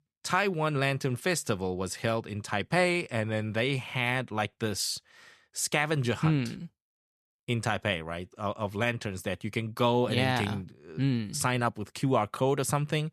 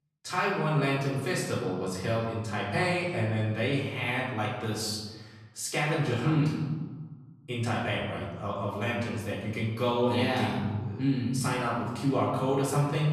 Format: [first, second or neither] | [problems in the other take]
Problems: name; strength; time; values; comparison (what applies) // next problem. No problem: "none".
first | off-mic speech; far // room echo; noticeable; dies away in 1.3 s